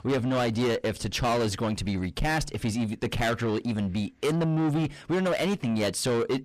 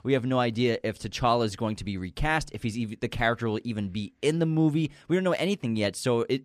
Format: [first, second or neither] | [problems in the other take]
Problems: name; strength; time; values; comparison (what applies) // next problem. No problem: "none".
second | distortion; heavy; 7 dB below the speech